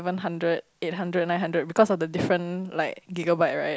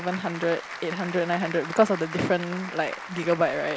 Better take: first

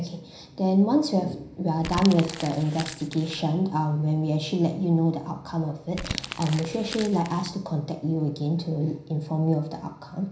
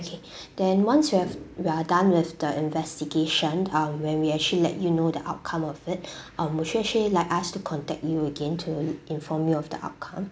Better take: second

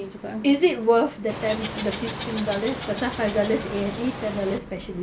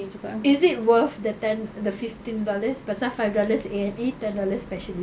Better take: second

